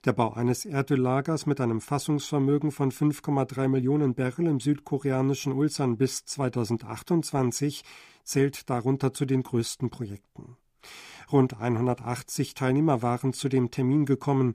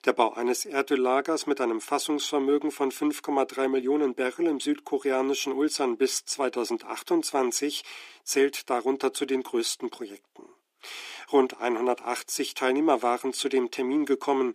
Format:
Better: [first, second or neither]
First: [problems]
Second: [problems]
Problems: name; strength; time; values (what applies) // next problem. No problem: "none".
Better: first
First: none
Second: thin; somewhat; fading below 300 Hz